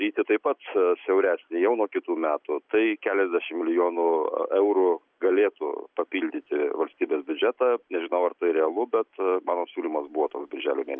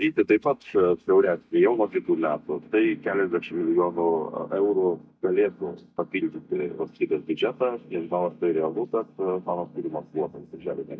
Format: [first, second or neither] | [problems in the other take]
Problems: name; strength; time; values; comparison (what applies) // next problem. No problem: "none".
first | noise reduction (neural mask model DeepFilterNet 3)